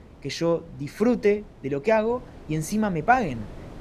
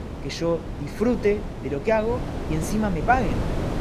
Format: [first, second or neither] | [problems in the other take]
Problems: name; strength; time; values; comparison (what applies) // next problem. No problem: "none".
first | wind noise on the microphone; heavy; 10 dB below the speech; occasional gusts in the first